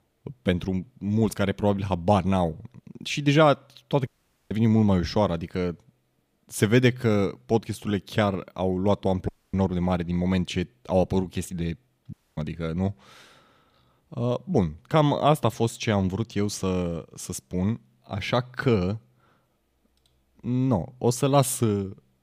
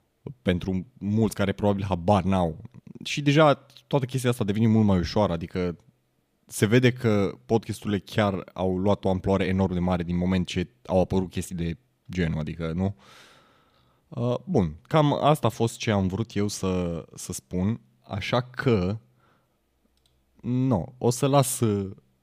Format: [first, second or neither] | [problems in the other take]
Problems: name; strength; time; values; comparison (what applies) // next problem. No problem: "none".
second | audio cutting out; at 4 s, at 9.5 s and at 12 s